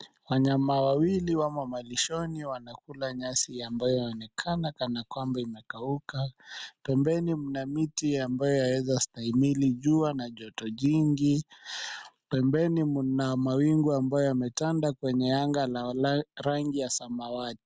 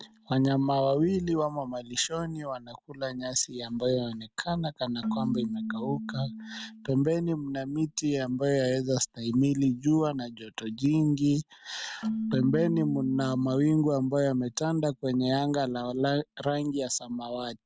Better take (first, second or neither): first